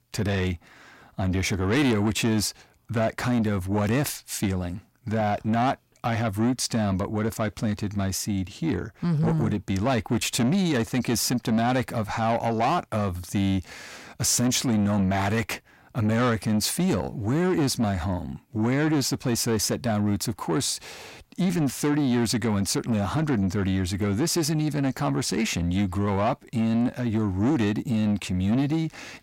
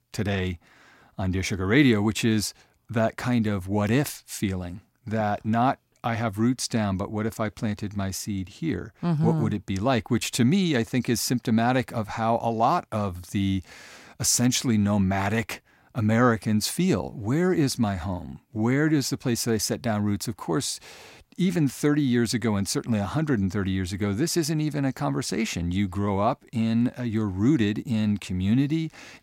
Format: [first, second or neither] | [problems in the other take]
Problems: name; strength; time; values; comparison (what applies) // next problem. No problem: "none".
second | distortion; slight; 10 dB below the speech